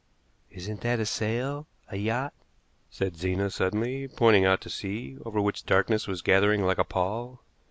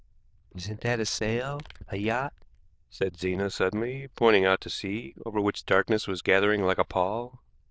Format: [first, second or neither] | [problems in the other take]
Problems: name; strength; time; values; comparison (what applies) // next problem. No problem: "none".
first | noise reduction (neural diffusion model UNIVERSE++)